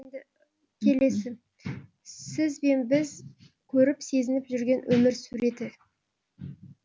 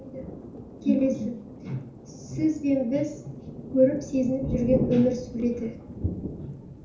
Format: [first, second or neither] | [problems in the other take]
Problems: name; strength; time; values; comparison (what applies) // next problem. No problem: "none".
first | background sound (Thunder); 8 dB below the speech // room echo; dies away in 0.7 s